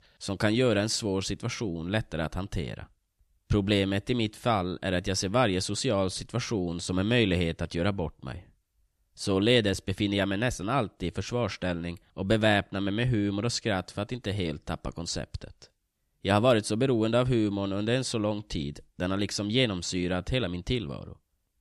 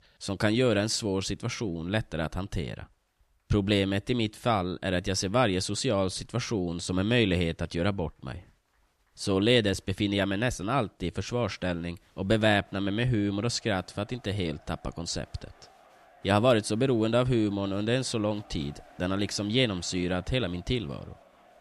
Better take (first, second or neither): first